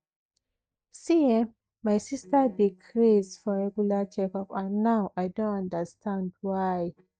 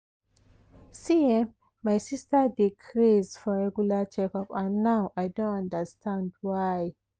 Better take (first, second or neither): second